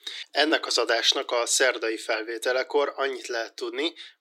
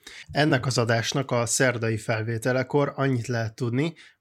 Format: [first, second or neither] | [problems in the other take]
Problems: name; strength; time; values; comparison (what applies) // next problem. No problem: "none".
second | thin; very; fading below 300 Hz